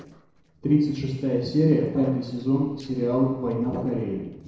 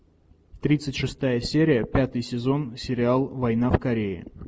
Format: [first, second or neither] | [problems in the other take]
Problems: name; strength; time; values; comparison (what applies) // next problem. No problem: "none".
second | noise reduction (neural separator model SepFormer DNS4)